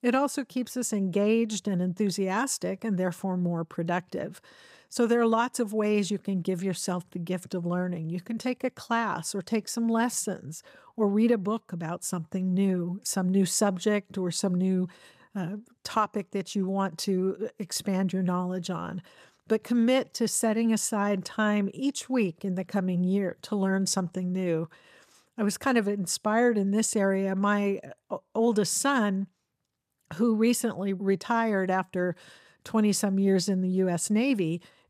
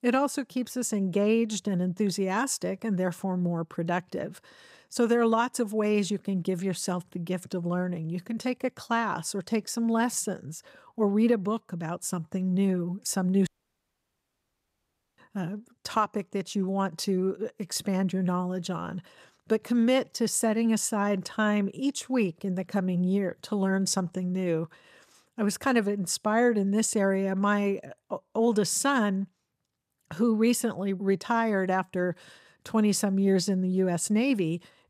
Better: first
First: none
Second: audio cutting out; at 13 s for 1.5 s

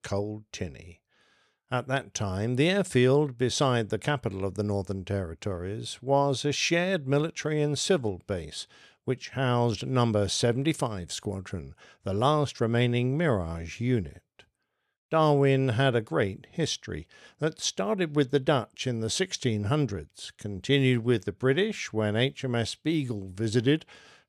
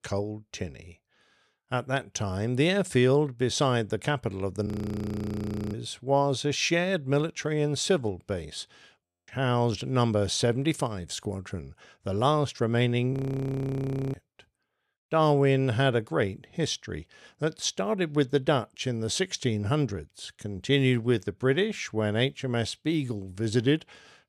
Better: first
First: none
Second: audio freezing; at 4.5 s for 1 s, at 9 s and at 13 s for 1 s

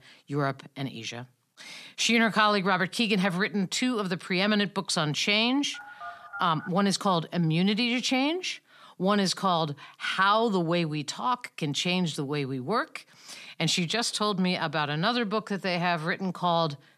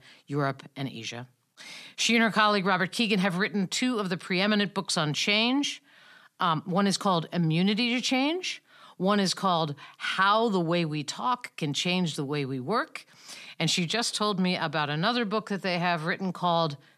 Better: second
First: phone ringing; faint; at 5.5 s; peak 15 dB below the speech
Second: none

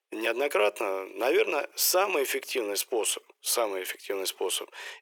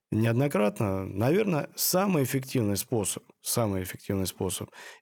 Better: second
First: thin; very; fading below 350 Hz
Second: none

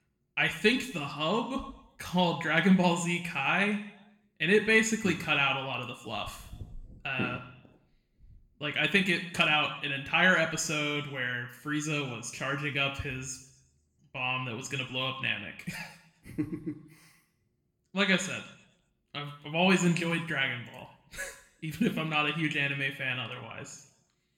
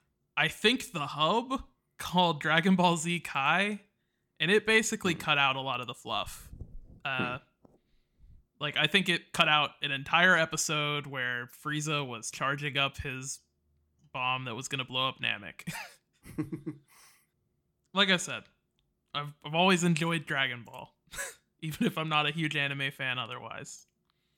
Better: second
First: room echo; slight; dies away in 0.7 s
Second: none

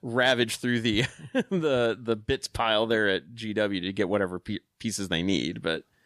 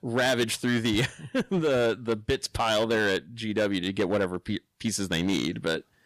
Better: first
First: none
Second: distortion; slight; 9% of the sound clipped

